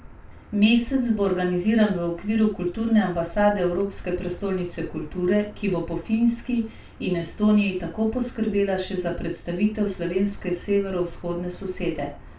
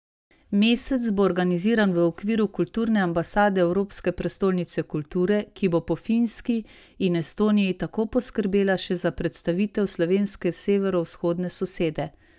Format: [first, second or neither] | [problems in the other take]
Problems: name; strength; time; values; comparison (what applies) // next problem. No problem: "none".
second | background sound (Car); 18 dB below the speech // room echo; dies away in 0.3 s